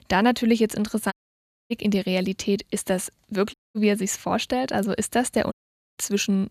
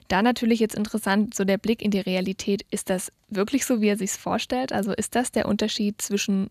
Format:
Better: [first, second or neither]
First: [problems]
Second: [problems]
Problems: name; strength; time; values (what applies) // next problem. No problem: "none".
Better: second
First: audio cutting out; at 1 s for 0.5 s, at 3.5 s and at 5.5 s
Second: none